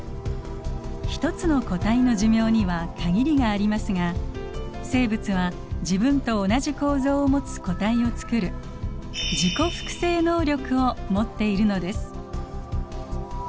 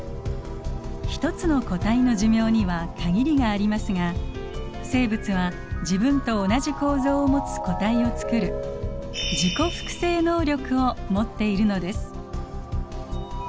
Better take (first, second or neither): first